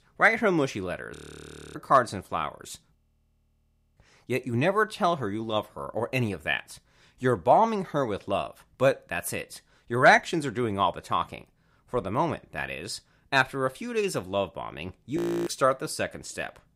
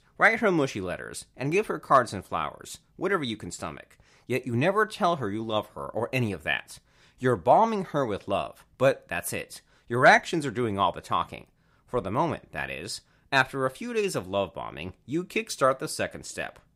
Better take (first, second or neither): second